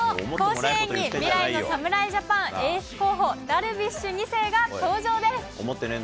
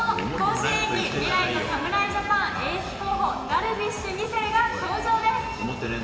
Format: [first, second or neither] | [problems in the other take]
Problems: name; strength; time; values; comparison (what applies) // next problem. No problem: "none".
first | background sound (Train); 15 dB below the speech // room echo; dies away in 2.8 s